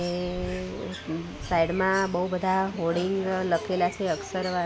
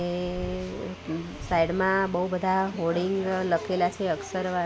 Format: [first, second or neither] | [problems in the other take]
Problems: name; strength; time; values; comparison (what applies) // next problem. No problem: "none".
second | background sound (Bird); 19 dB below the speech